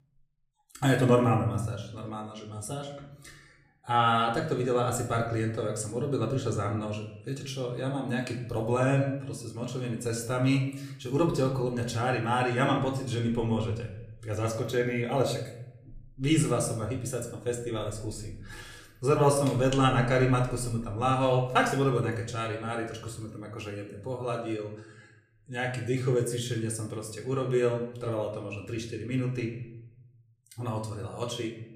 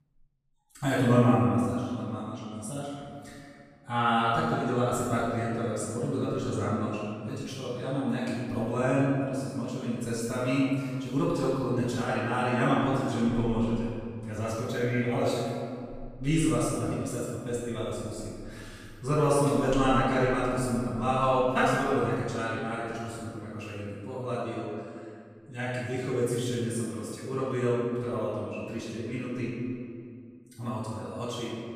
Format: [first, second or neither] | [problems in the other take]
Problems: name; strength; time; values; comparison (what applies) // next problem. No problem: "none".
first | room echo; strong; dies away in 2 s; slight in the first // off-mic speech; far; somewhat distant in the first